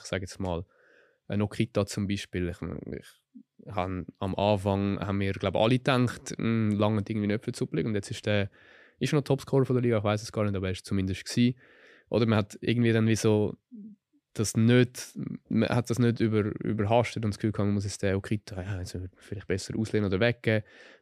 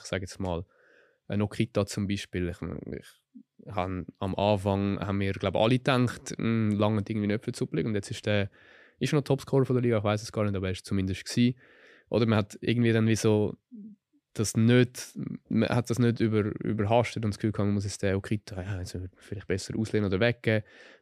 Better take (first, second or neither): neither